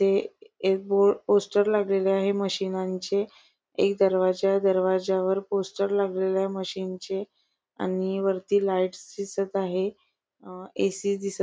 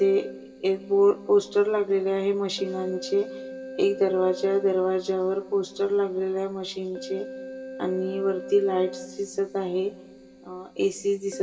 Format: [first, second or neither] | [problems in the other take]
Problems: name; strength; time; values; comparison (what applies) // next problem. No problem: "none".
first | background sound (Keyboard (musical)); 15 dB below the speech // room echo; dies away in 2.9 s